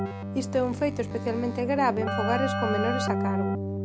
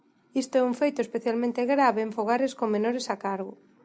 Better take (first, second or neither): second